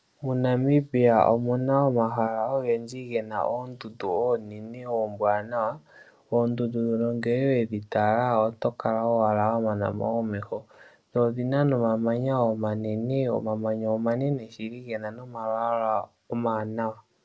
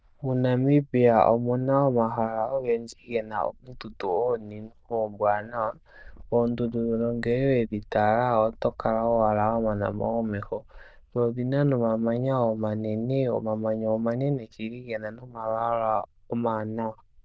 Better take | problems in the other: first | noise reduction (neural diffusion model UNIVERSE++)

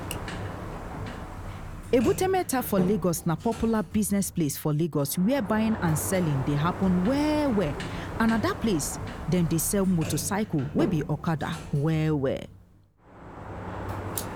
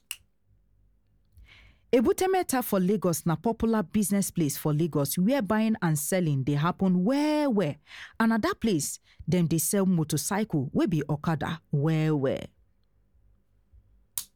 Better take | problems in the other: second | background sound (Sliding door); 9 dB below the speech

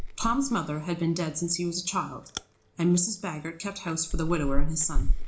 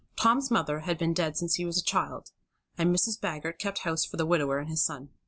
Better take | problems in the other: second | background sound (Chewing, mastication); 1 dB above the speech // room echo; dies away in 0.4 s

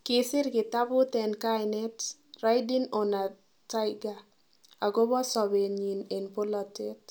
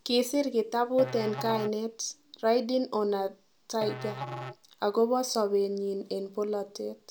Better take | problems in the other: first | background sound (Musical instrument); 14 dB below the speech

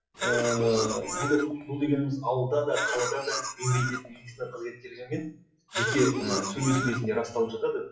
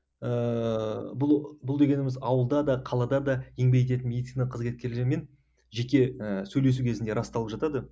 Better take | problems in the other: second | noise reduction (classical method WPE with log-MMSE)

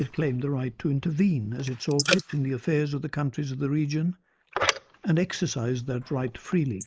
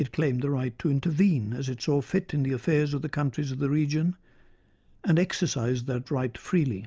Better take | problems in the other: second | noise reduction (neural mask model Resemble Enhance denoiser)

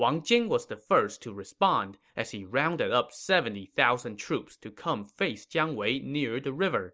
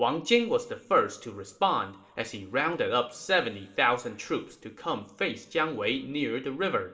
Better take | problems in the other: first | room echo; dies away in 1.7 s

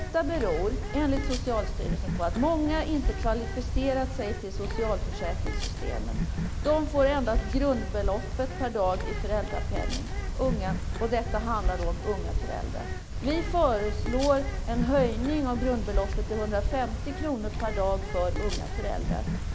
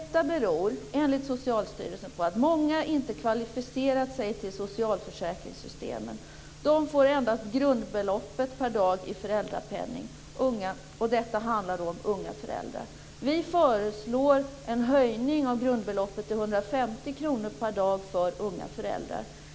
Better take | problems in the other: second | background sound (Bird); as loud as the speech

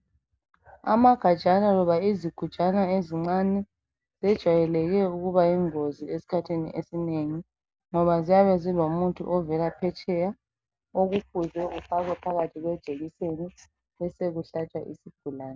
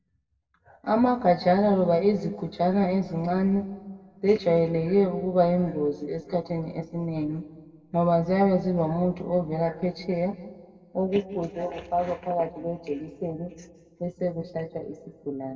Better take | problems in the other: first | room echo; dies away in 1.3 s

